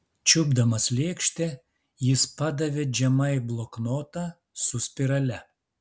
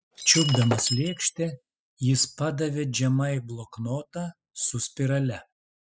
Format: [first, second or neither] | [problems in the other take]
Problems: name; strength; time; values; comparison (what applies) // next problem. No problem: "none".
first | noise reduction (classical method spectral subtraction)